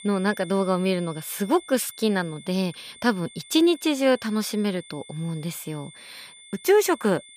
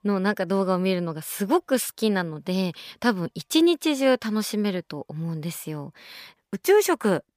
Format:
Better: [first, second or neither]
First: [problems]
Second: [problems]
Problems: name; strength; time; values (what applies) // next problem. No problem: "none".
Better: second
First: high-pitched whine; noticeable; throughout; 3.5 kHz, 20 dB below the speech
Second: none